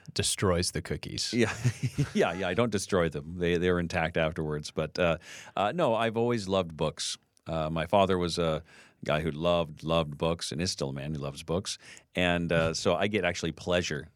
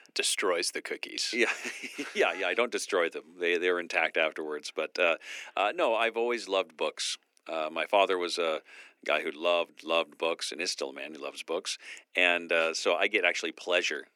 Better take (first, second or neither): first